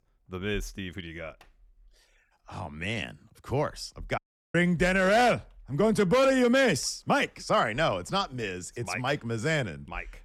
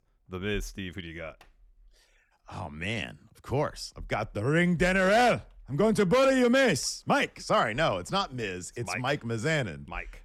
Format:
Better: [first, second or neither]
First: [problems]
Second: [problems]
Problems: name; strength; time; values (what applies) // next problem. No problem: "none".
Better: second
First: audio cutting out; at 4 s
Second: none